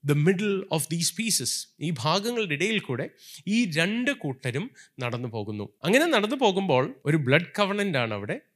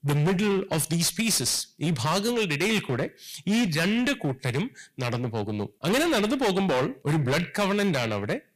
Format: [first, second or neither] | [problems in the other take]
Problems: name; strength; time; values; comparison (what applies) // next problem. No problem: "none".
first | distortion; heavy; 21% of the sound clipped